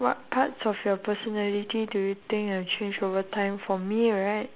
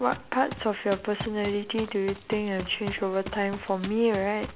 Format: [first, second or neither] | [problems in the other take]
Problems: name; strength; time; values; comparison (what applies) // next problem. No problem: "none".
first | background sound (Run); 13 dB below the speech